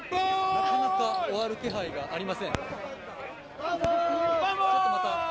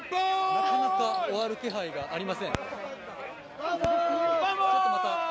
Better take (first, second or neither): second